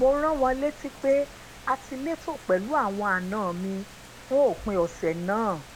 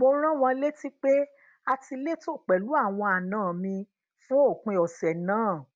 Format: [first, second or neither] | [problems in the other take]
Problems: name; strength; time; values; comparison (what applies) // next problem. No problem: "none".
second | background sound (Rain); 17 dB below the speech